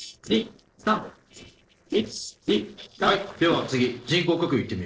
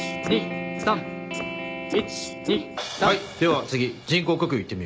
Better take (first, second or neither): second